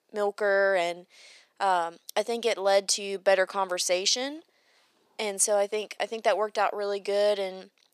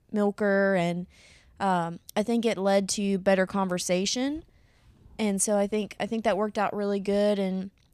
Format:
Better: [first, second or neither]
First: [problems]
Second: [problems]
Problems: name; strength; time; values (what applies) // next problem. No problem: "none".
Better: second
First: thin; very; fading below 400 Hz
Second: none